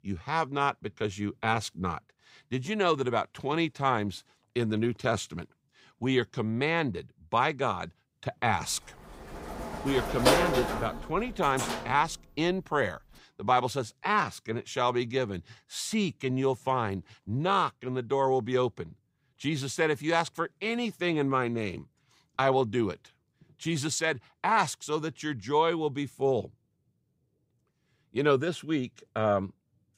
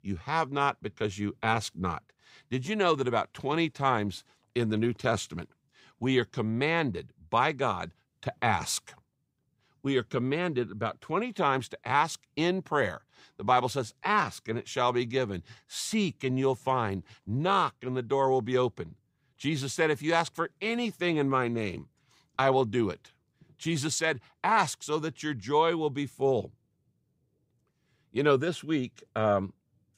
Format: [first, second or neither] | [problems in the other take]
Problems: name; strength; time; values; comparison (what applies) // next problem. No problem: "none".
second | door banging; loud; from 9.5 to 12 s; peak 6 dB above the speech